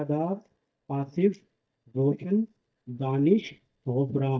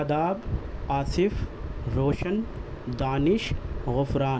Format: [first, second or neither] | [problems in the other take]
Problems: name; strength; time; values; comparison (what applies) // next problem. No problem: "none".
second | noise reduction (neural mask model DeepFilterNet 3)